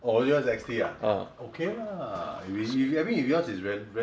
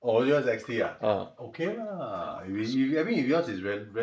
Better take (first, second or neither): first